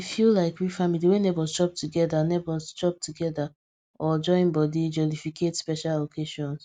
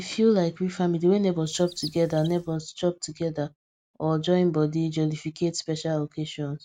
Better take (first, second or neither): first